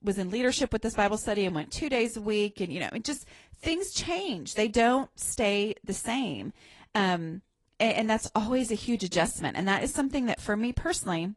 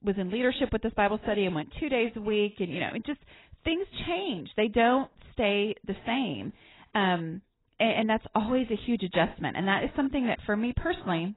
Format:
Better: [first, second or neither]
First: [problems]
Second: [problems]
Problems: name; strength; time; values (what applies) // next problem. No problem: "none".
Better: first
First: garbled, watery; slightly; nothing above 10.5 kHz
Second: garbled, watery; badly; nothing above 4 kHz